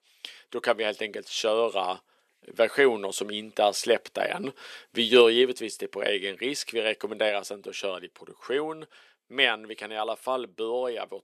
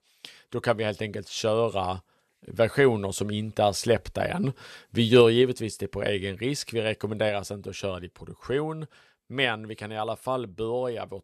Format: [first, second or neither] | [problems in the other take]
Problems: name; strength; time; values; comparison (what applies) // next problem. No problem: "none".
second | thin; somewhat; fading below 300 Hz